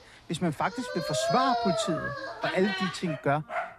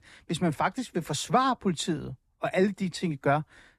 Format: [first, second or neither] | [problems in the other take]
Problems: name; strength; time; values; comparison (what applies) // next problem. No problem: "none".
second | animal sounds; loud; throughout; 2 dB below the speech